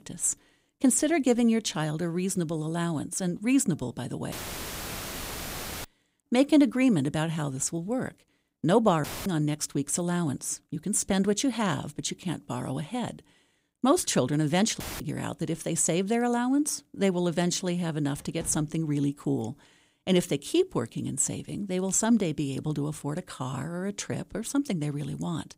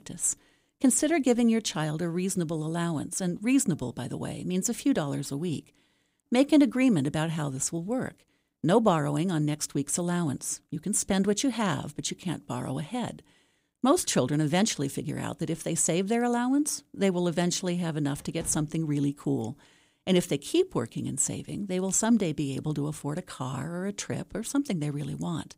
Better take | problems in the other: second | audio cutting out; filled with static; at 4.5 s for 1.5 s, at 9 s and at 15 s

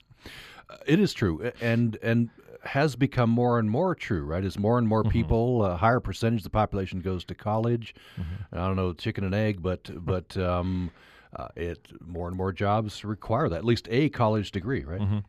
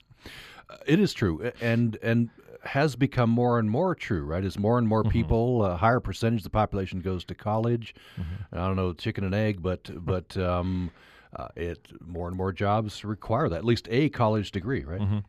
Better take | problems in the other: neither | muffled; slightly; fading above 4 kHz; the same in both

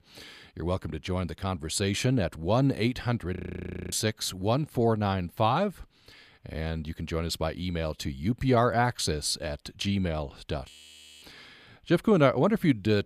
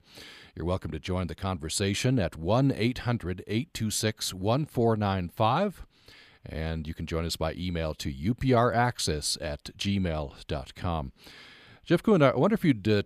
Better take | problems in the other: second | audio freezing; at 3.5 s for 0.5 s and at 11 s for 0.5 s

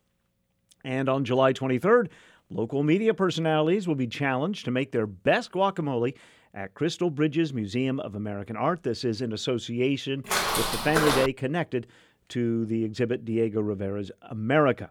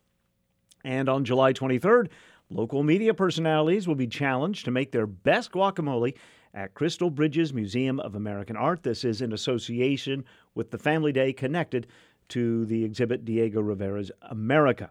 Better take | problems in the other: second | footsteps; loud; at 10 s; peak 2 dB above the speech

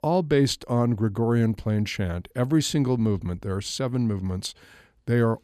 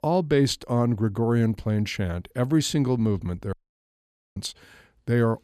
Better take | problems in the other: first | audio cutting out; at 3.5 s for 1 s

